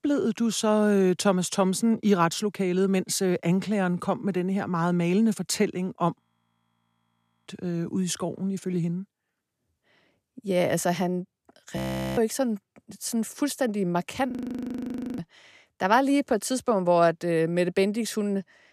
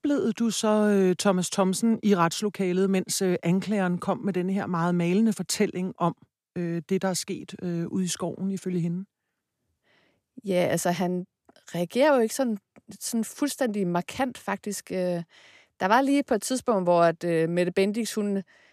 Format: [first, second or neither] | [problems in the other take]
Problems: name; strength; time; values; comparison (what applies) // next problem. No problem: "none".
second | audio freezing; at 6 s for 1.5 s, at 12 s and at 14 s for 1 s